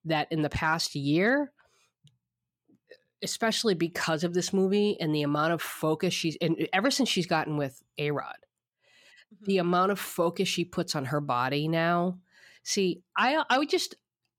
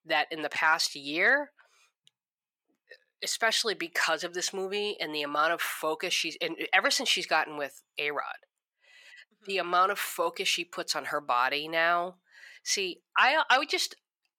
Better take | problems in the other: first | thin; very; fading below 600 Hz

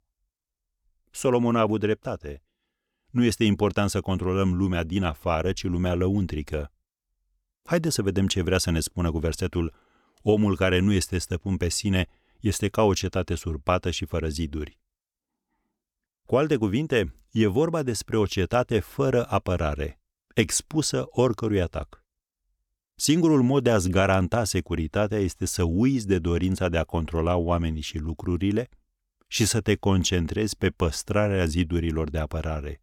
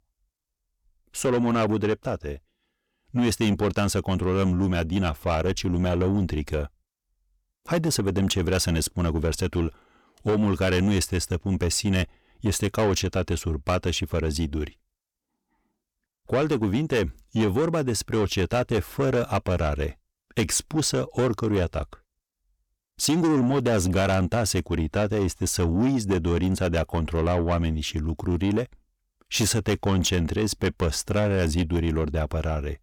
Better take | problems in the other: first | distortion; slight; 10 dB below the speech

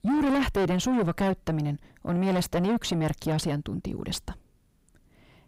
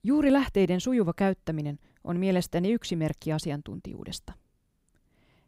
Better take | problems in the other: second | distortion; heavy; 4 dB below the speech

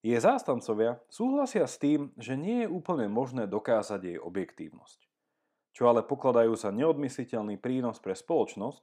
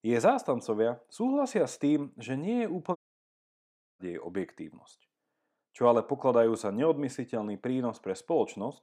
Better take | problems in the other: first | audio cutting out; at 3 s for 1 s

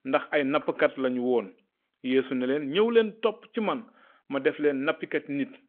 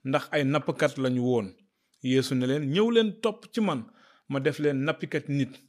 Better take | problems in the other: second | phone-call audio; nothing above 3.5 kHz

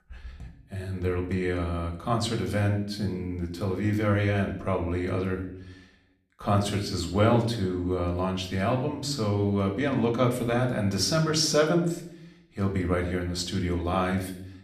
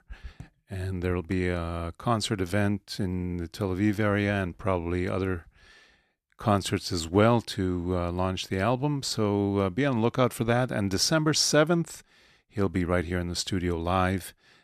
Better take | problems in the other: second | room echo; slight; dies away in 0.6 s // off-mic speech; somewhat distant

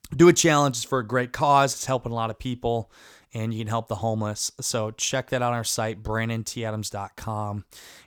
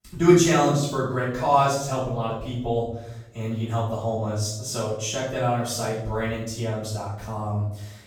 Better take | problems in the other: first | off-mic speech; far // room echo; noticeable; dies away in 0.8 s

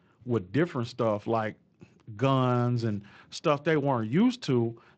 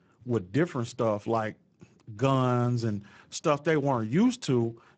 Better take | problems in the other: first | garbled, watery; badly; nothing above 8 kHz; slightly in the first

